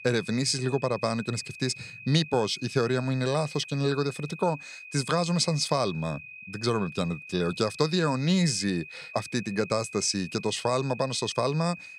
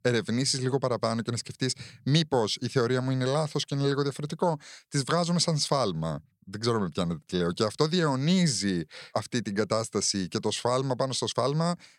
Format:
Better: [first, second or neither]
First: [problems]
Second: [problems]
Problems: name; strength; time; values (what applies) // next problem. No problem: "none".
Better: second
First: high-pitched whine; noticeable; throughout; 2.5 kHz, 15 dB below the speech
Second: none